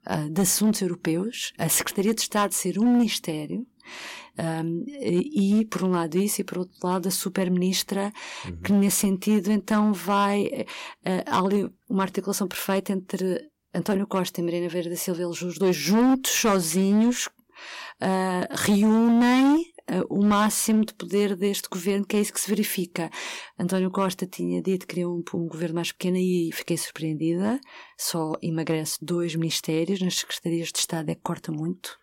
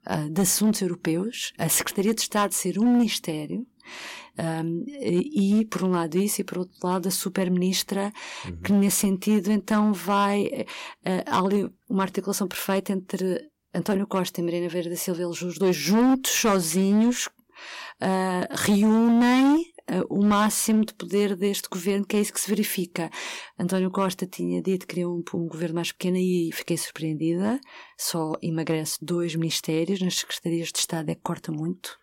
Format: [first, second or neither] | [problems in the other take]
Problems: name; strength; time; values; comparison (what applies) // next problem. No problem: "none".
neither | distortion; slight; 5% of the sound clipped; the same in both